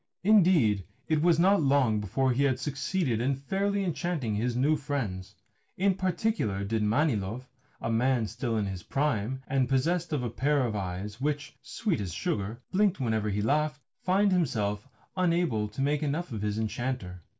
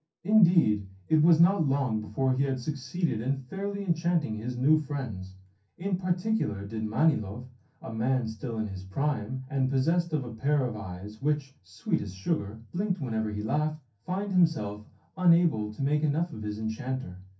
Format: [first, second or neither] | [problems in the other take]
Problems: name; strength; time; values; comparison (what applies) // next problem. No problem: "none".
first | room echo; dies away in 0.3 s